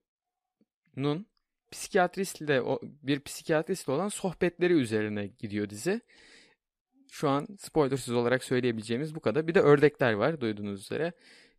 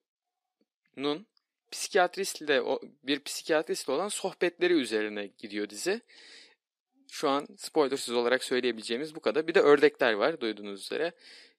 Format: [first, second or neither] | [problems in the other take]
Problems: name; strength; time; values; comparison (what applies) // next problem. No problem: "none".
first | thin; very slightly; fading below 300 Hz